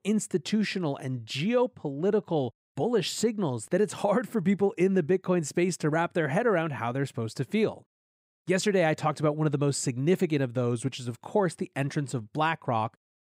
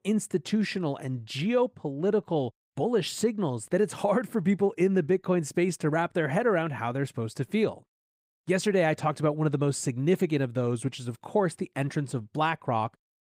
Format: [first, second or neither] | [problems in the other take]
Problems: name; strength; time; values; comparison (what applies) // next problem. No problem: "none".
first | garbled, watery; slightly; nothing above 15.5 kHz